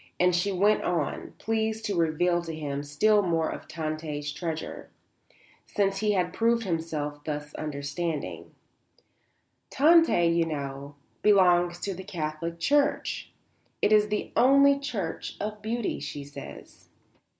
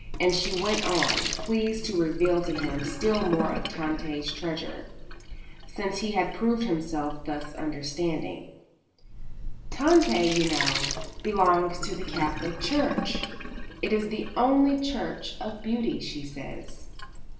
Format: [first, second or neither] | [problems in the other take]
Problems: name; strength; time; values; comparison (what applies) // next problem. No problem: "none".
first | background sound (Sink (filling or washing)); 6 dB below the speech // room echo; dies away in 0.8 s